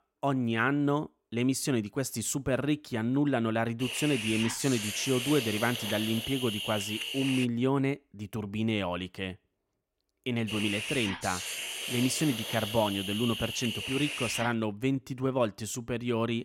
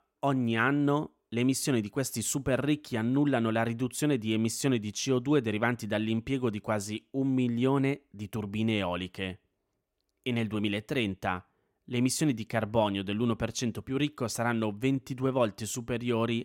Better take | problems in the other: second | hiss; loud; from 4 to 7.5 s and from 10 to 15 s; 4 dB below the speech

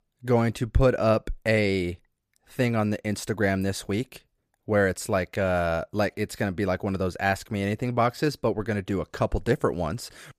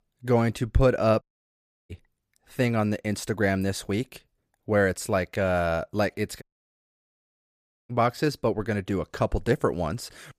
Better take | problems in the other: first | audio cutting out; at 1 s for 0.5 s and at 6.5 s for 1.5 s

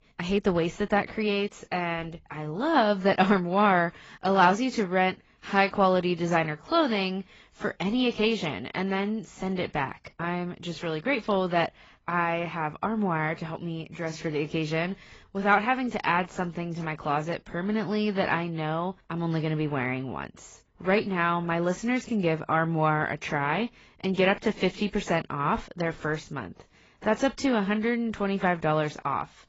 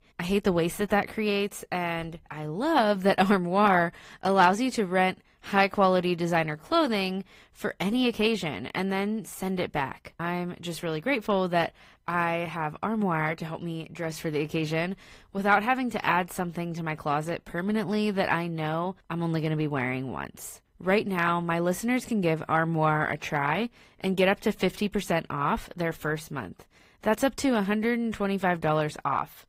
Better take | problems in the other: second | garbled, watery; badly; nothing above 7.5 kHz; slightly in the second

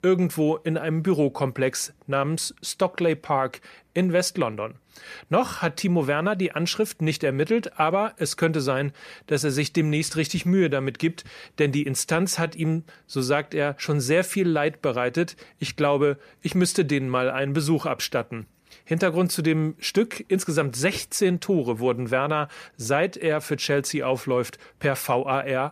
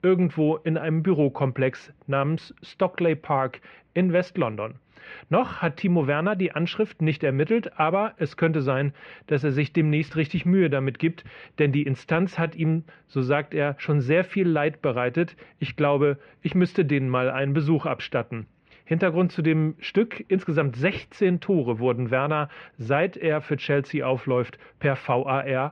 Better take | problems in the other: first | muffled; very; fading above 3 kHz

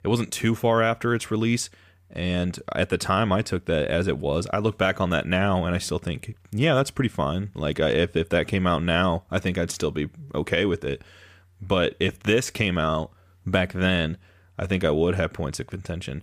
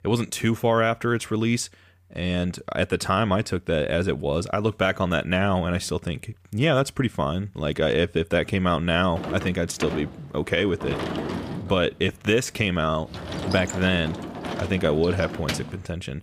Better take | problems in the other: first | door banging; noticeable; from 9 to 16 s; peak 4 dB below the speech

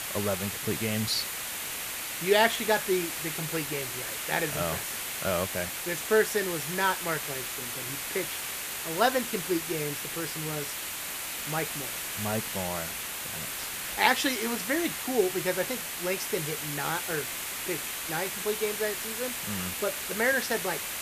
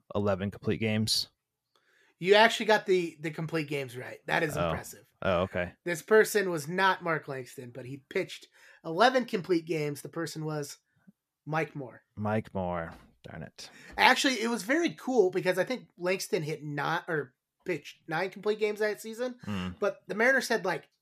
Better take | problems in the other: second | hiss; loud; throughout; 2 dB below the speech

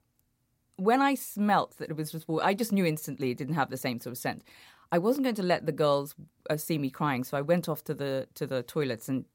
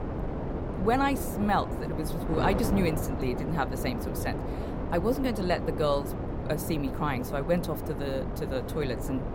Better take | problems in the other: first | wind noise on the microphone; heavy; 6 dB below the speech

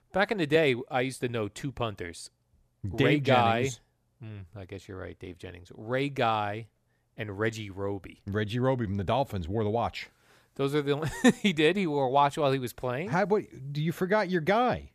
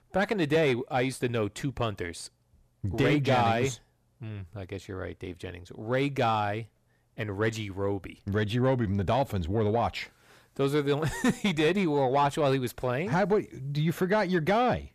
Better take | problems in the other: first | distortion; slight; 10 dB below the speech

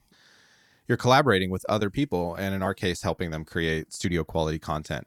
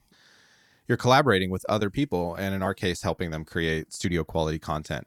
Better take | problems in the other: neither | none

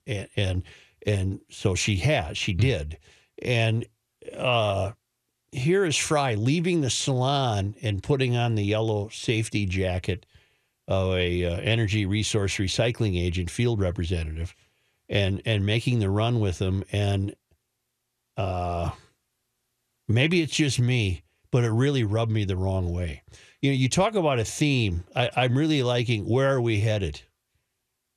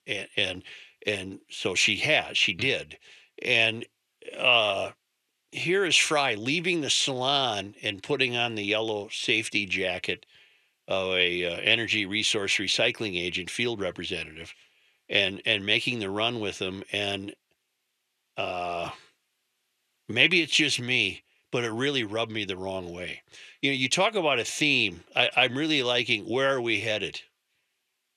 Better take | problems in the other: first | thin; somewhat; fading below 250 Hz

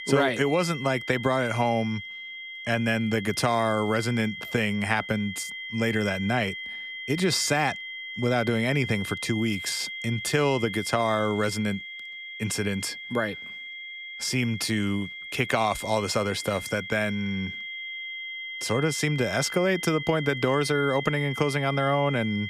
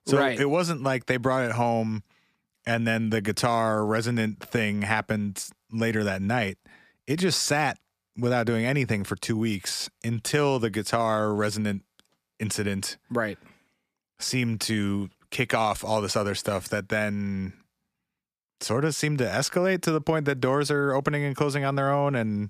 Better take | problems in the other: second | high-pitched whine; loud; throughout; 2 kHz, 8 dB below the speech

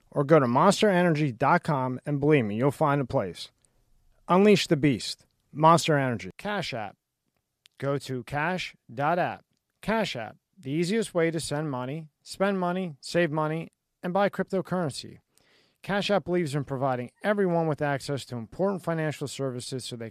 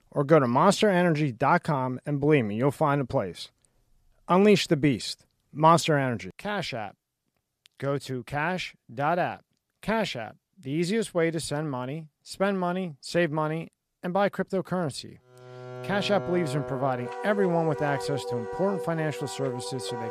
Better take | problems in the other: first | background music; loud; from 16 s on; 9 dB below the speech

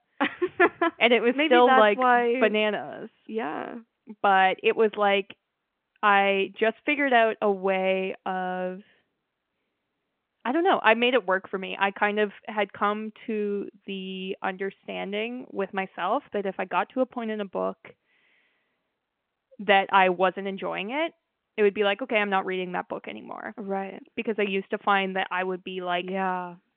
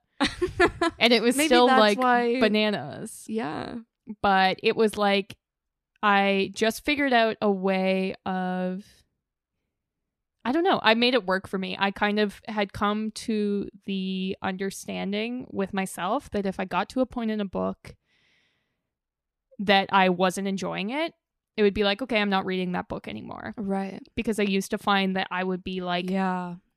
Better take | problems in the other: second | phone-call audio; nothing above 3 kHz

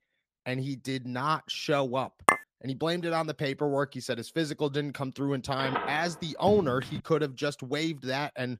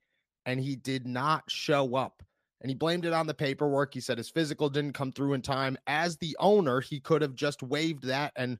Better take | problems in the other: second | clattering dishes; loud; at 2.5 s; peak 4 dB above the speech // phone ringing; noticeable; from 5.5 to 7 s; peak 3 dB below the speech

